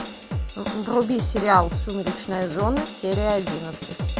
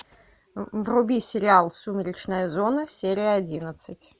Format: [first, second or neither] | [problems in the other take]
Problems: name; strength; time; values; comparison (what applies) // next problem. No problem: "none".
second | background sound (Drum / Drum kit); 4 dB below the speech